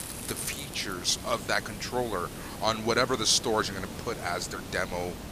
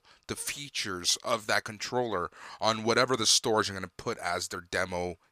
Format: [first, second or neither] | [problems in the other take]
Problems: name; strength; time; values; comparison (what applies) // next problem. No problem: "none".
second | hiss; noticeable; throughout; 10 dB below the speech